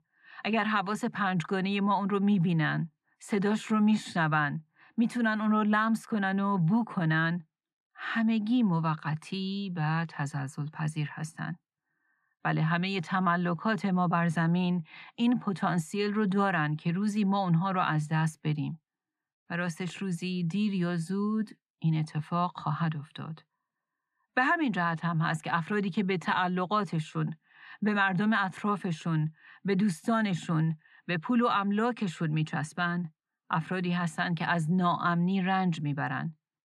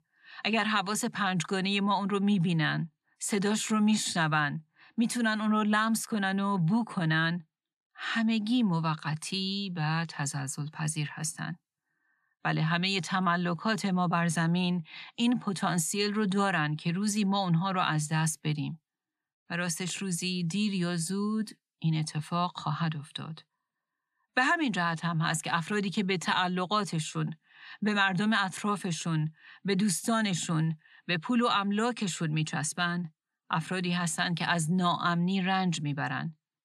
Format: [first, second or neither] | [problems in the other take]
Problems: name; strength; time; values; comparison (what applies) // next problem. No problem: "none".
second | muffled; slightly; fading above 3.5 kHz